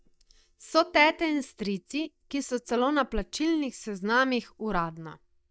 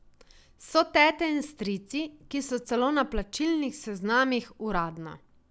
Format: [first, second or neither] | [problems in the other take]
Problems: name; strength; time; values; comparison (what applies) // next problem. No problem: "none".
second | noise reduction (neural mask model DeepFilterNet 3)